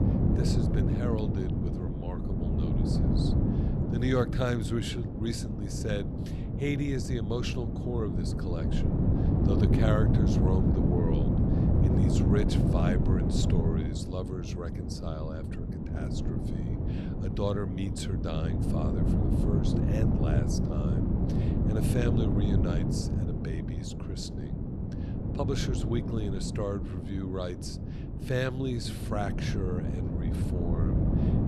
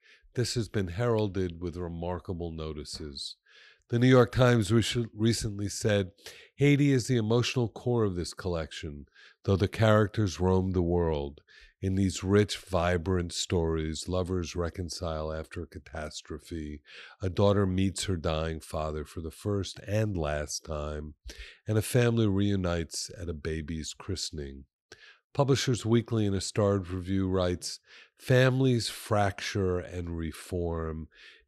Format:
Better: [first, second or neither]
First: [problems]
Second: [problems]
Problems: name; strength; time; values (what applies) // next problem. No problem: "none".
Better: second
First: wind noise on the microphone; heavy; as loud as the speech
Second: none